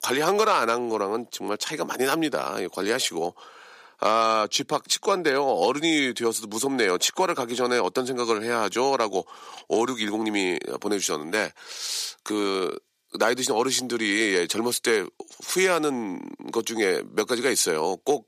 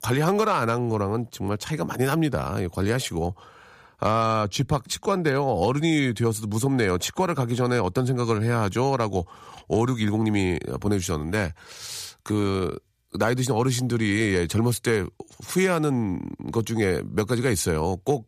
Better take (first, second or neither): second